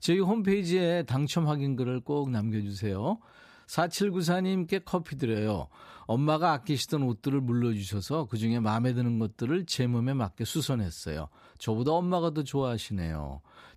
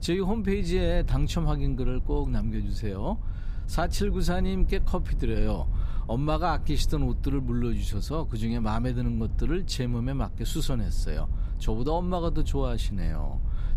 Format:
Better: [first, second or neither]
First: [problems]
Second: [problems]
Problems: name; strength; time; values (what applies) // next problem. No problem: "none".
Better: first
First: none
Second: low rumble; noticeable; throughout; 20 dB below the speech